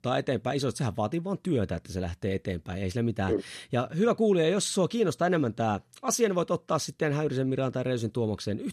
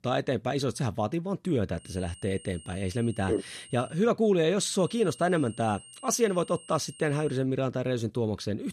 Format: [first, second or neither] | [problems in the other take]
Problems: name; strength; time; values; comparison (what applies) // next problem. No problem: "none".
first | high-pitched whine; noticeable; from 2 to 4 s and from 5 to 7.5 s; 8.5 kHz, 20 dB below the speech